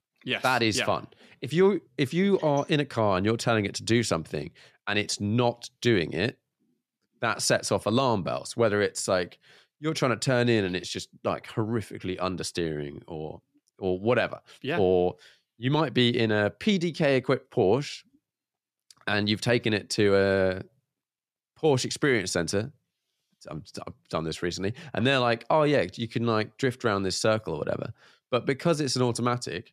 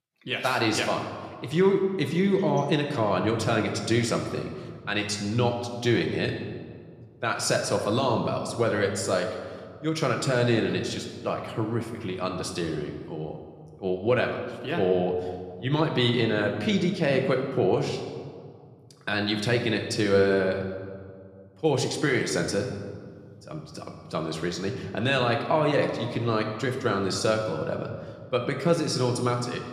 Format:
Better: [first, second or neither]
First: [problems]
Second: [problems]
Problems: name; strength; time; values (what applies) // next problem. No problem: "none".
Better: first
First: none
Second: room echo; slight; dies away in 1.4 s